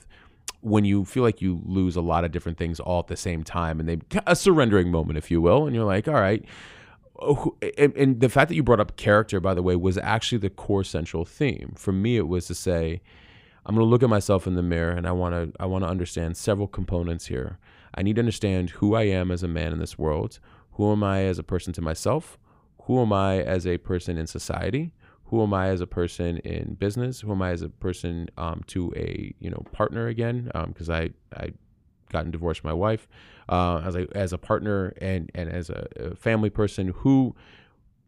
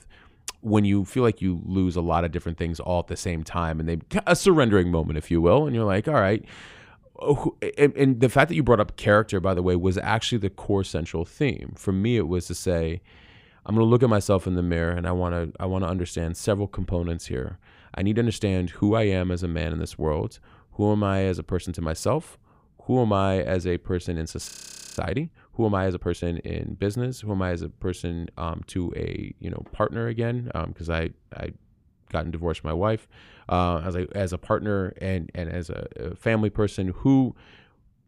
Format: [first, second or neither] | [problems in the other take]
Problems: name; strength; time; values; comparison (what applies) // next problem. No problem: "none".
first | audio freezing; at 24 s